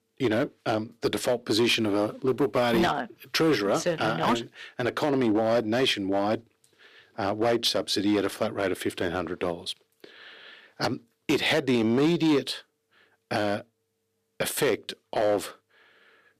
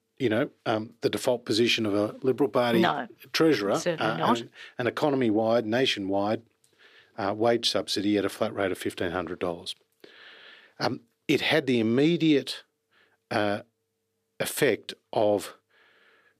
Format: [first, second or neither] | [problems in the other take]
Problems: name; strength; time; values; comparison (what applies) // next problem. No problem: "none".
second | distortion; slight; 6% of the sound clipped